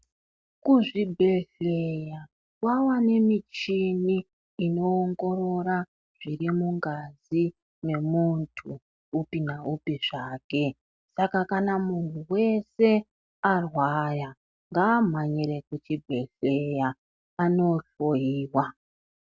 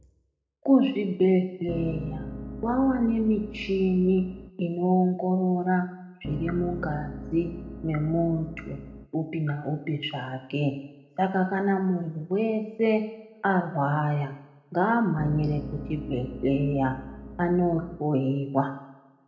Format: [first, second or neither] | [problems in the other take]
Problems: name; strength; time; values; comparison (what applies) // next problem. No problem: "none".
first | background sound (Piano); 11 dB below the speech // room echo; dies away in 0.9 s